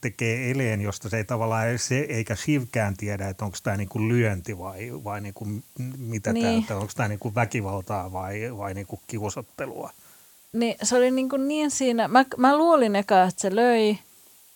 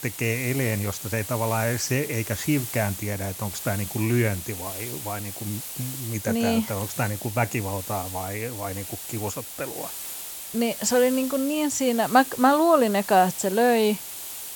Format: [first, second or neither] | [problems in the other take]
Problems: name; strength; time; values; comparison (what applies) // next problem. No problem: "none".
first | hiss; loud; throughout; 8 dB below the speech; faint in the first